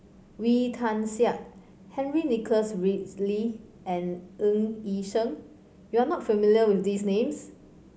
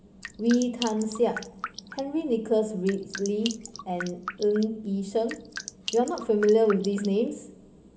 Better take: first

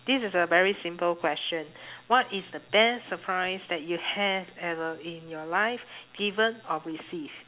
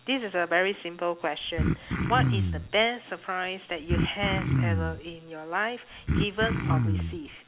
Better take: first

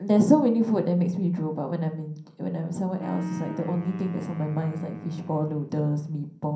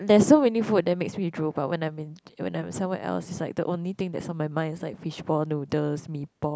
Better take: second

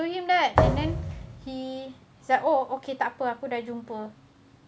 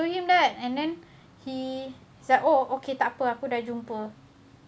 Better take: second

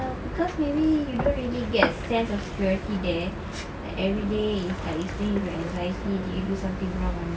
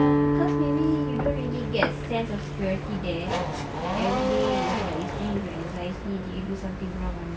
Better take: first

